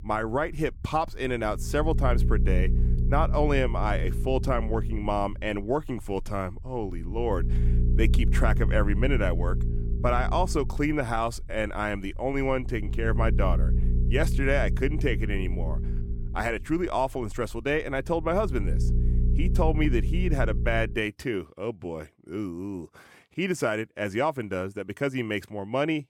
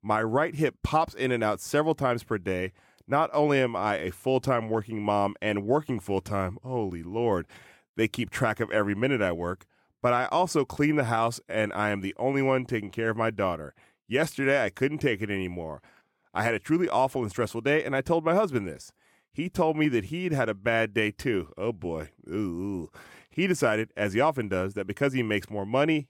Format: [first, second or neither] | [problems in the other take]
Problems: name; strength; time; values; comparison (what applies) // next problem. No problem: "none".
second | low rumble; noticeable; until 21 s; 15 dB below the speech